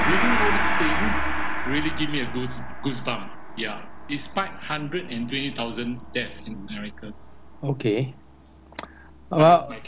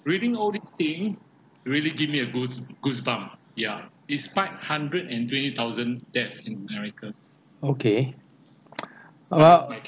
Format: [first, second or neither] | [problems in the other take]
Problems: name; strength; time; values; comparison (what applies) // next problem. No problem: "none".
second | background sound (Gong); 1 dB above the speech